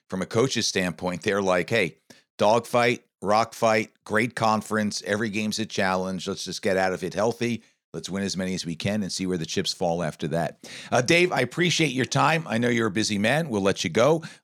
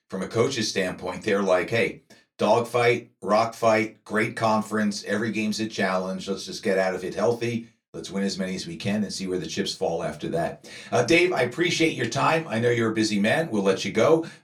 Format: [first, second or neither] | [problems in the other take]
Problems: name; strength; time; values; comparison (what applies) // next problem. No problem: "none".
first | off-mic speech; far // room echo; very slight; dies away in 0.2 s